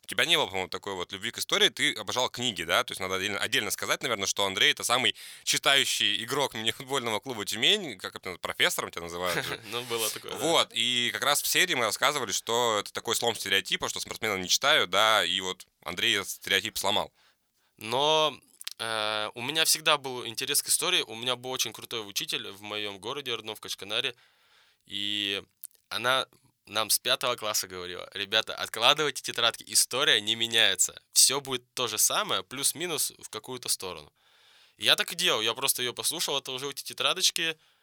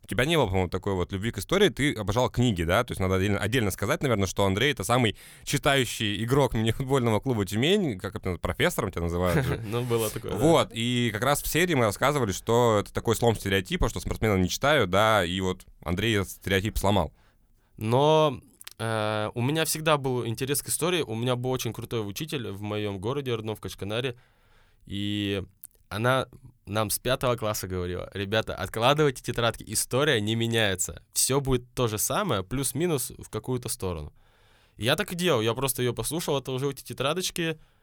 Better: second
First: thin; somewhat; fading below 950 Hz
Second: none

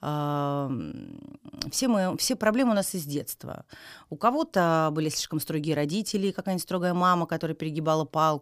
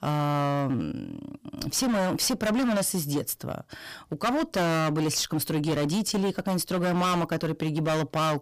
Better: first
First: none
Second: distortion; heavy; 20% of the sound clipped

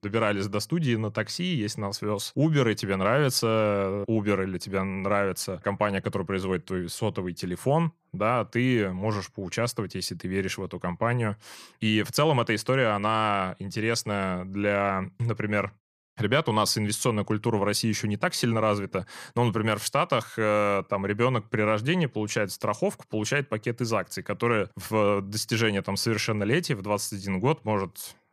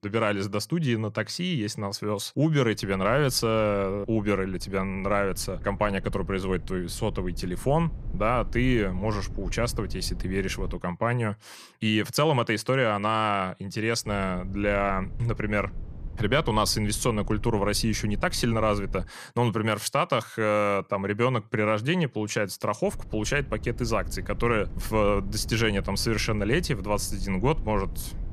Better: first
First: none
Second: low rumble; faint; from 3 to 11 s, from 14 to 19 s and from 23 s on; 25 dB below the speech

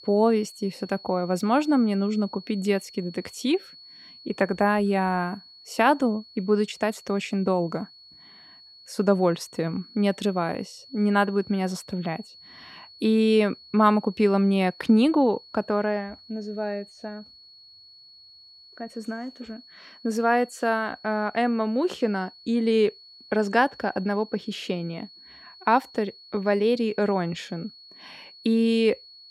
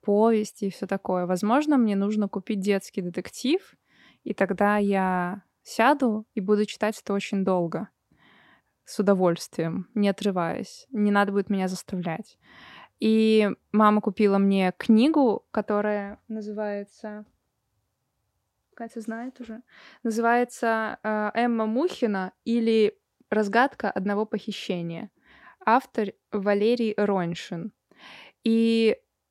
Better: second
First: high-pitched whine; faint; throughout; 4.5 kHz, 20 dB below the speech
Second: none

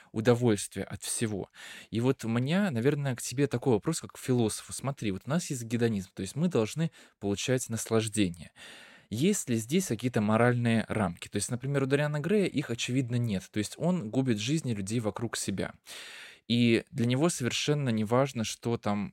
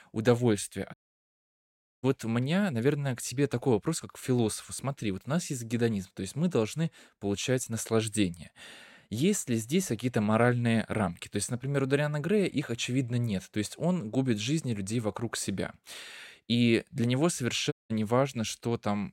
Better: first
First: none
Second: audio cutting out; at 1 s for 1 s and at 18 s

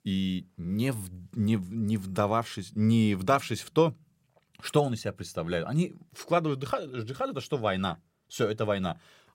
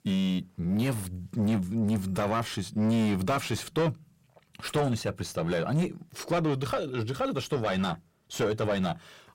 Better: first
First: none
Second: distortion; heavy; 7 dB below the speech

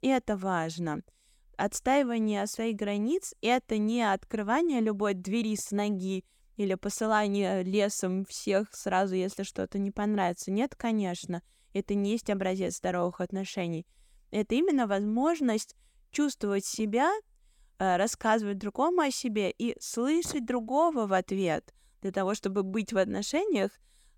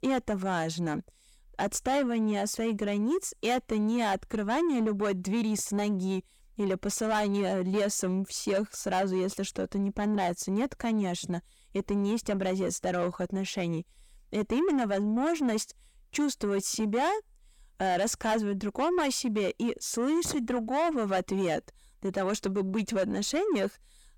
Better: first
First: none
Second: distortion; slight; 10 dB below the speech

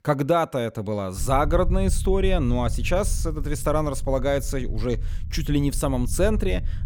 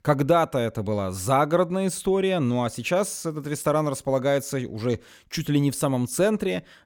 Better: second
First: low rumble; faint; from 1 s on; 20 dB below the speech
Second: none

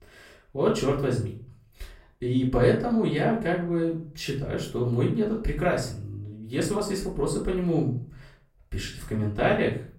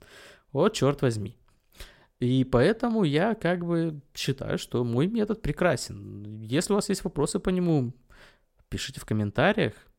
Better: second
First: room echo; slight; dies away in 0.4 s // off-mic speech; far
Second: none

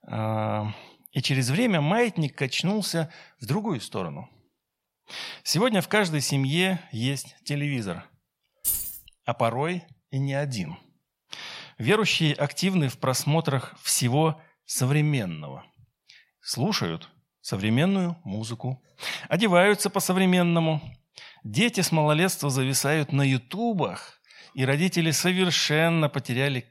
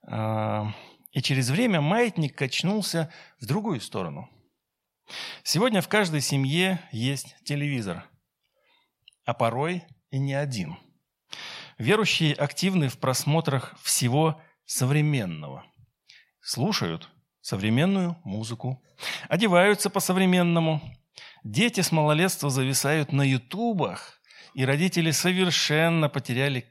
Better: second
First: jangling keys; noticeable; at 8.5 s; peak 1 dB below the speech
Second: none

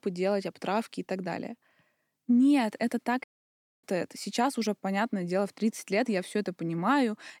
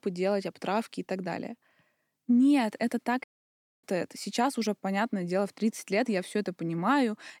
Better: neither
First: audio cutting out; at 3 s for 0.5 s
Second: audio cutting out; at 3 s for 0.5 s

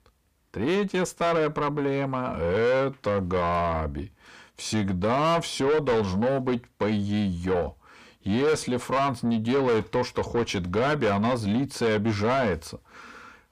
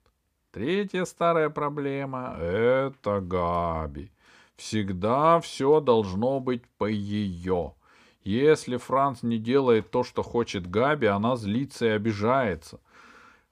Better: second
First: distortion; heavy; 7 dB below the speech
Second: none

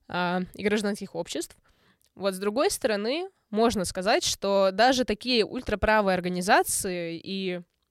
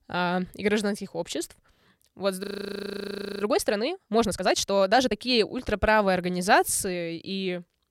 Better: first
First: none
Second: audio freezing; at 2.5 s for 1 s

